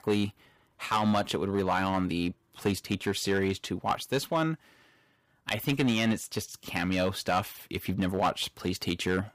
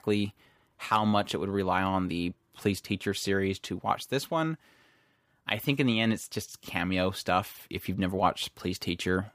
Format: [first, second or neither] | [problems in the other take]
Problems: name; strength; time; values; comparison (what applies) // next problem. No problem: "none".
second | distortion; slight; 3% of the sound clipped